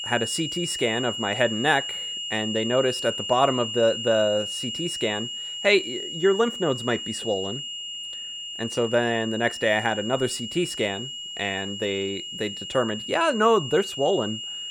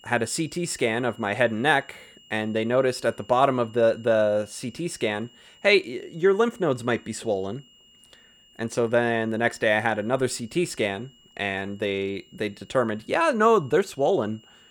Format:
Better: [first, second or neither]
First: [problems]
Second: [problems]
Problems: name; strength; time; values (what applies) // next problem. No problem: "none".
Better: second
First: high-pitched whine; loud; throughout; 3 kHz, 6 dB below the speech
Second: high-pitched whine; faint; throughout; 3 kHz, 30 dB below the speech